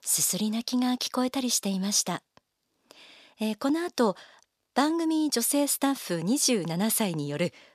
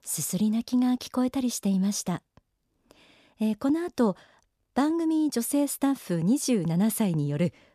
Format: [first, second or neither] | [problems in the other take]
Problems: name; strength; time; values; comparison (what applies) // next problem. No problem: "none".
second | thin; very slightly; fading below 1 kHz